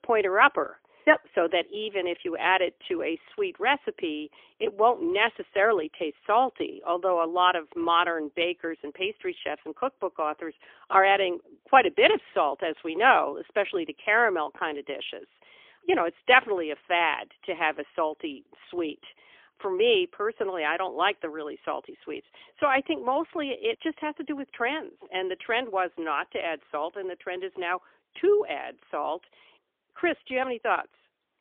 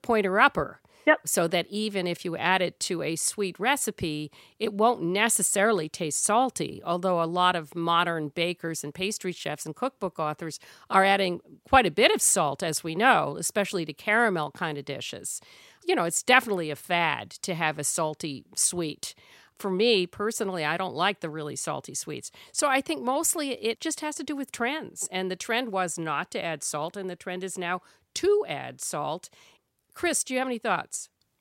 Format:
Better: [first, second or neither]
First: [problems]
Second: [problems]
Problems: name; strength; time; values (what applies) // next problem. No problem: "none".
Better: second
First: phone-call audio; poor line; nothing above 3.5 kHz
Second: none